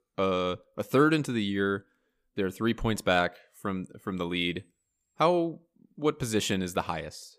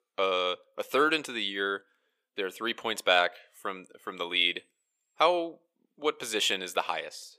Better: first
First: none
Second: thin; somewhat; fading below 550 Hz

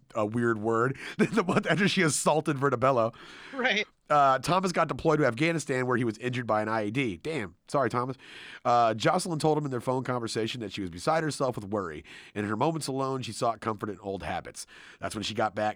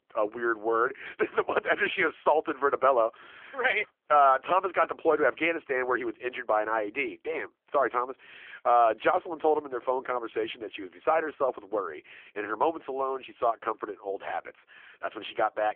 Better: first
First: none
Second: phone-call audio; poor line; nothing above 3.5 kHz

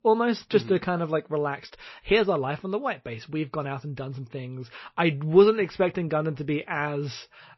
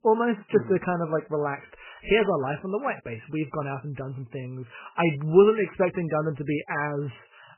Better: first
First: garbled, watery; slightly; nothing above 5.5 kHz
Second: garbled, watery; badly; nothing above 3 kHz

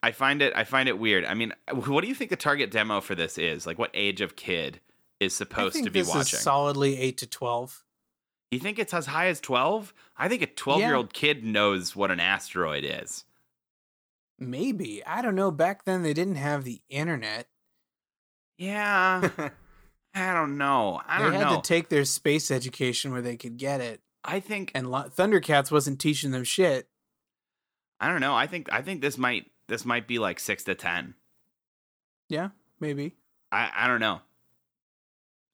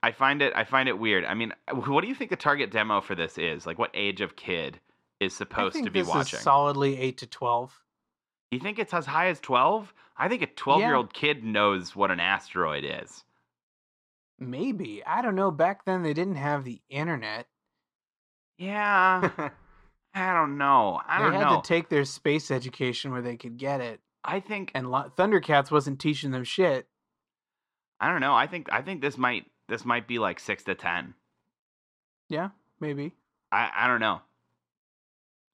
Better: first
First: none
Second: muffled; slightly; fading above 4 kHz

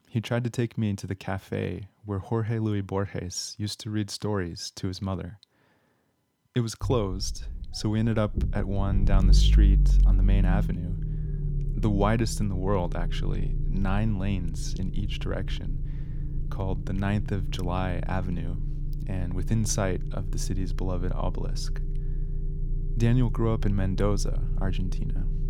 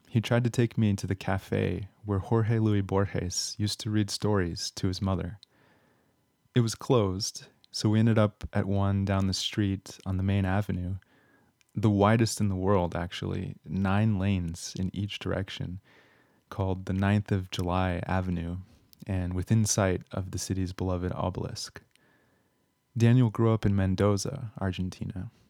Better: second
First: low rumble; noticeable; from 7 s on; 10 dB below the speech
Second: none

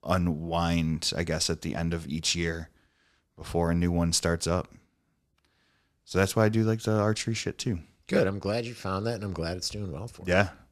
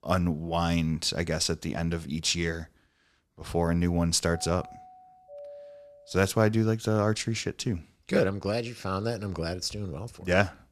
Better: first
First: none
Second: doorbell; faint; from 4.5 to 6.5 s; peak 15 dB below the speech

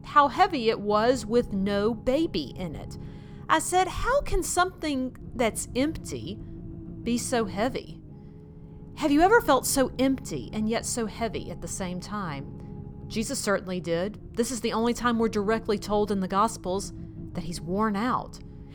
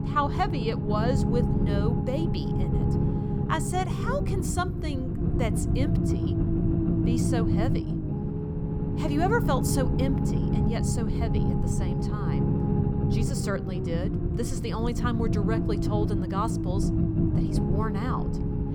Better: first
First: low rumble; faint; throughout; 25 dB below the speech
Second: low rumble; loud; throughout; 2 dB below the speech

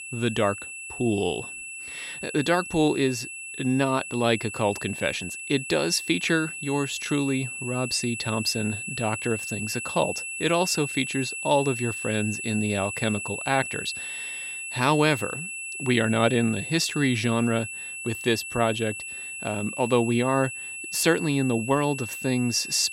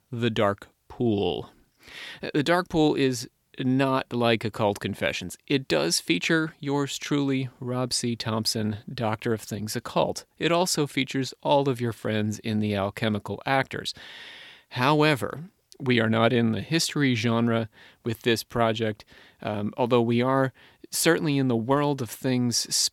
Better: second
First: high-pitched whine; loud; throughout; 2.5 kHz, 7 dB below the speech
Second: none

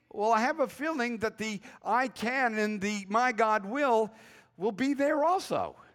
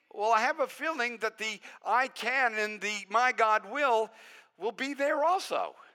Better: first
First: none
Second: thin; somewhat; fading below 450 Hz

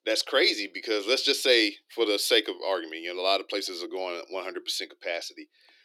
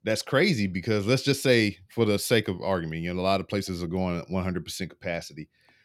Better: second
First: thin; very; fading below 300 Hz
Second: none

